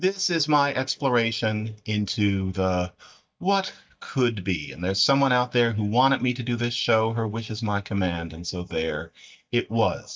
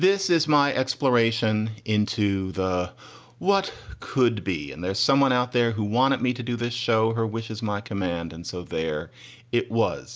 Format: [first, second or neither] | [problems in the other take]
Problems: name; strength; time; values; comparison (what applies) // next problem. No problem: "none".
second | noise reduction (neural mask model DeepFilterNet 3)